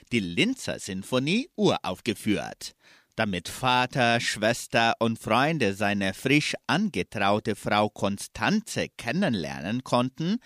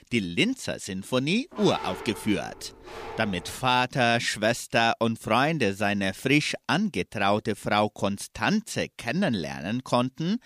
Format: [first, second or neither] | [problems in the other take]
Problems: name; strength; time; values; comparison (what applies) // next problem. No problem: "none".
first | dog barking; faint; from 1.5 to 3.5 s; peak 10 dB below the speech